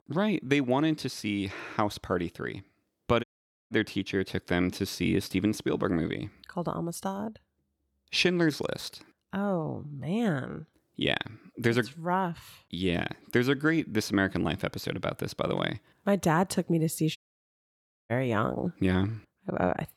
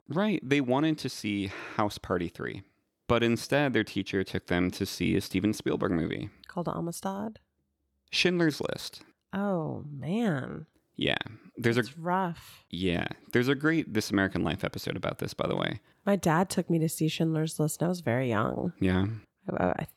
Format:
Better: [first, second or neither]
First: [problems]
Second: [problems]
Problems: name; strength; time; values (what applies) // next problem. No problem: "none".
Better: second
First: audio cutting out; at 3 s and at 17 s for 1 s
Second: none